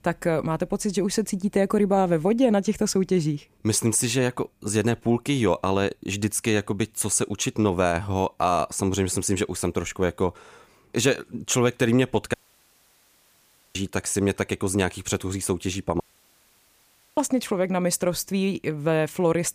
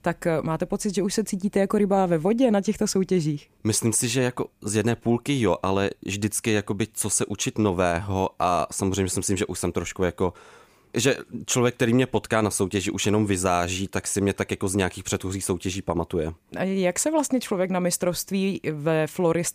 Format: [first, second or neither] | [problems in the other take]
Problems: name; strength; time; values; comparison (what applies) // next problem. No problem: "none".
second | audio cutting out; at 12 s for 1.5 s and at 16 s for 1 s